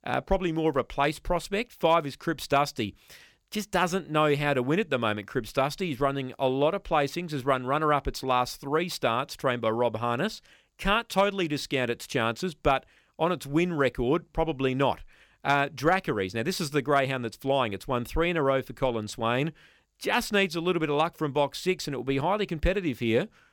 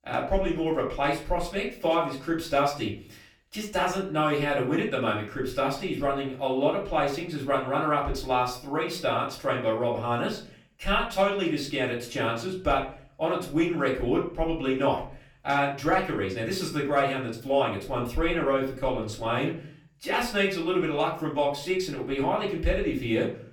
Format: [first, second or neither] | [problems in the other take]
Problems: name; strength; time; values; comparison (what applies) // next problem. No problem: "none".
first | off-mic speech; far // room echo; slight; dies away in 0.4 s